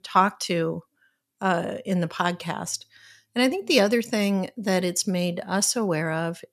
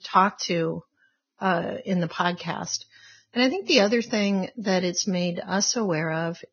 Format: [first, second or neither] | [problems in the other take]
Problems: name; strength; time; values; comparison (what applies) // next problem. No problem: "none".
first | garbled, watery; badly; nothing above 6 kHz